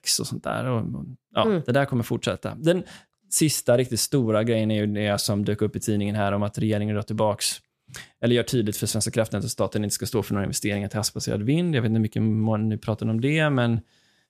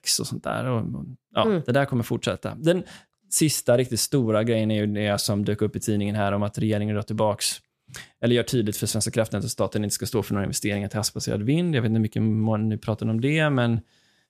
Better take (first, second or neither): neither